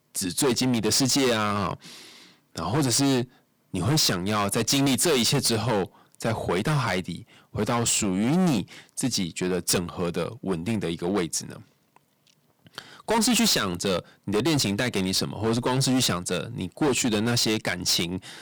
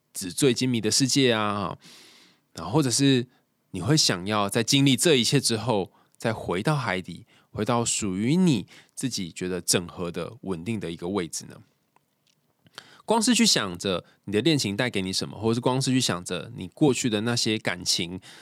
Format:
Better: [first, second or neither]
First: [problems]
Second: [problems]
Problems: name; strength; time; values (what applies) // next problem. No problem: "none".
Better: second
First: distortion; heavy; 14% of the sound clipped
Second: none